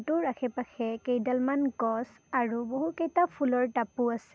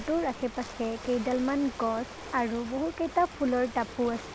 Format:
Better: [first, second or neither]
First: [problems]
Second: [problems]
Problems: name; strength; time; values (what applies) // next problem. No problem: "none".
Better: first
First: none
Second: background sound (Ocean); 13 dB below the speech